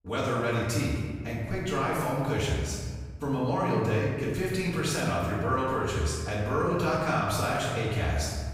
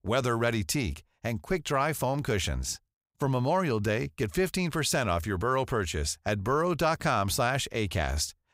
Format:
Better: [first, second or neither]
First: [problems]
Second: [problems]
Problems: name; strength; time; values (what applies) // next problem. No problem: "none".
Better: second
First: room echo; strong; dies away in 1.6 s // off-mic speech; far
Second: none